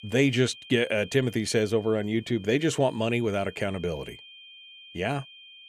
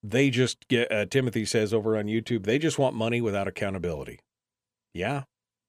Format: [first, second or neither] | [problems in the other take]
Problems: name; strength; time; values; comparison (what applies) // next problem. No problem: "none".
second | high-pitched whine; noticeable; throughout; 3 kHz, 20 dB below the speech